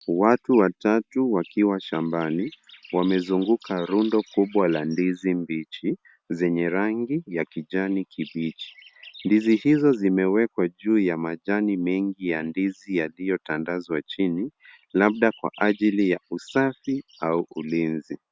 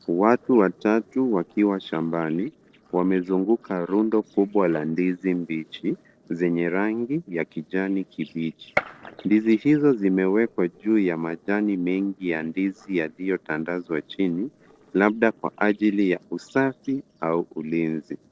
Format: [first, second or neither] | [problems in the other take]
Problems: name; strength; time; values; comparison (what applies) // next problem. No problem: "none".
first | noise reduction (neural separator model SepFormer DNS4)